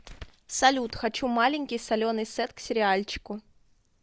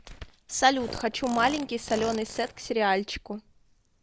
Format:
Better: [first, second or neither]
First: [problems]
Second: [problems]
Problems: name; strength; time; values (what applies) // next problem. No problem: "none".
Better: first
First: none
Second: background sound (Fart); 13 dB below the speech